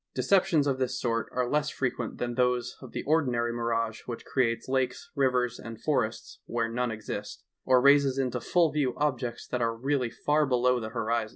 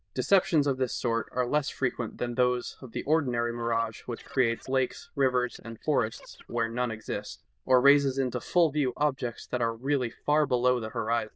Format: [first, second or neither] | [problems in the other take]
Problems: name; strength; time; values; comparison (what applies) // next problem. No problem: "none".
first | noise reduction (neural diffusion model UNIVERSE++)